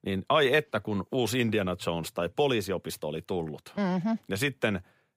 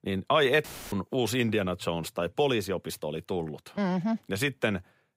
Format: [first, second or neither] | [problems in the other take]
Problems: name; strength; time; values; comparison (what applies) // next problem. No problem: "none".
first | audio cutting out; filled with static; at 0.5 s